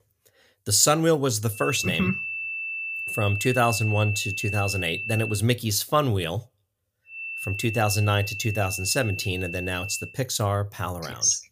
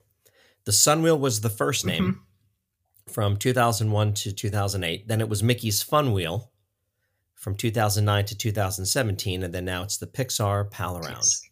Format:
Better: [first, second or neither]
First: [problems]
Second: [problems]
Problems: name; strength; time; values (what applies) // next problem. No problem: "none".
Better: second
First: high-pitched whine; loud; from 1.5 to 5.5 s and from 7 to 10 s; 2.5 kHz, 6 dB below the speech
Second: none